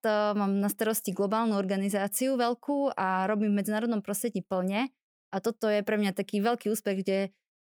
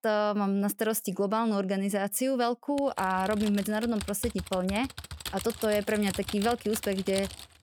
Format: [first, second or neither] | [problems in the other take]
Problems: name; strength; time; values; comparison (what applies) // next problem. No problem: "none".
first | keyboard typing; noticeable; from 3 s on; peak 8 dB below the speech